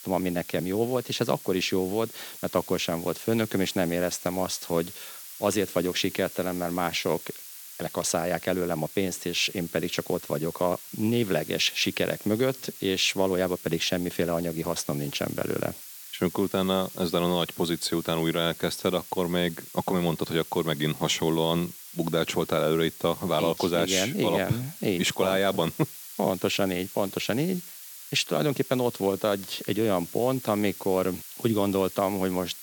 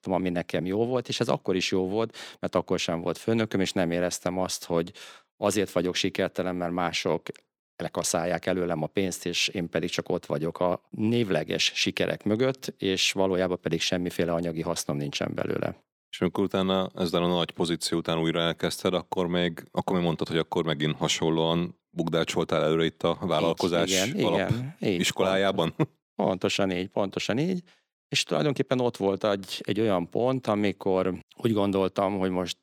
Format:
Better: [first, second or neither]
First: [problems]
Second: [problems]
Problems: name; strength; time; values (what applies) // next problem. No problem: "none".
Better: second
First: hiss; noticeable; throughout; 15 dB below the speech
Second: none